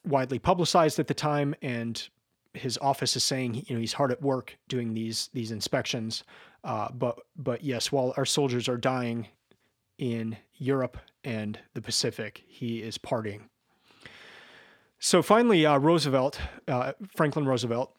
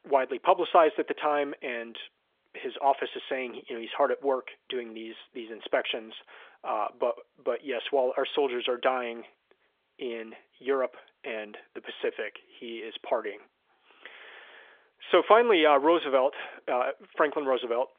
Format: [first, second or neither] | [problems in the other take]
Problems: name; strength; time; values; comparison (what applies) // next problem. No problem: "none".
first | phone-call audio; nothing above 3.5 kHz